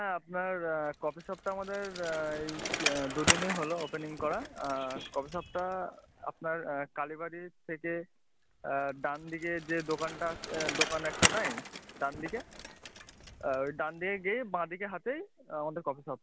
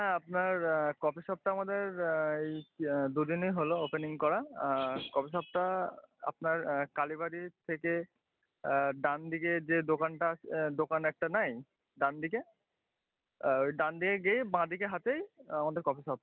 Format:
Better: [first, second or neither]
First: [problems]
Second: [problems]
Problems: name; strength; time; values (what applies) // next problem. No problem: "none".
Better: second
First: background sound (Bicycle); 3 dB below the speech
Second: none